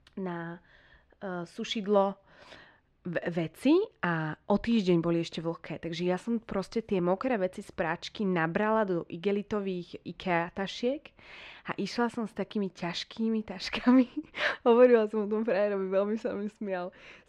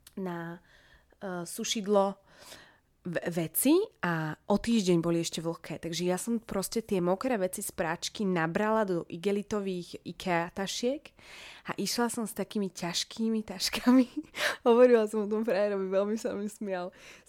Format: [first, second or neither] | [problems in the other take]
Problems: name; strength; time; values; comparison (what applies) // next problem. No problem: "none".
second | muffled; slightly; fading above 3 kHz